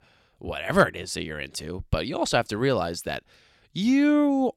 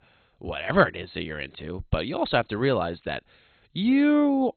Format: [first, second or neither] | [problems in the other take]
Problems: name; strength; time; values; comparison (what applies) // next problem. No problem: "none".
first | garbled, watery; badly; nothing above 4 kHz